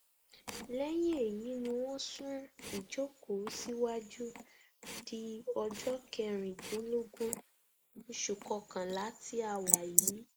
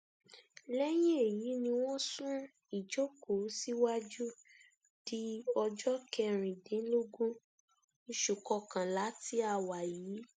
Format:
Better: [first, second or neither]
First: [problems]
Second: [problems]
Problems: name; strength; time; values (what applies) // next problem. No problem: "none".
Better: second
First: noise reduction (neural mask model Resemble Enhance denoiser)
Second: none